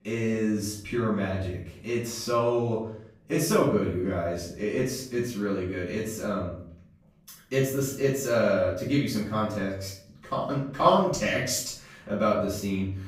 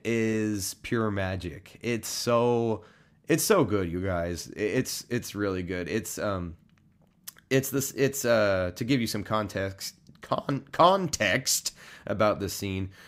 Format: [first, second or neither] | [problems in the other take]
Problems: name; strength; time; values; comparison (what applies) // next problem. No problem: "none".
second | off-mic speech; far // room echo; noticeable; dies away in 0.6 s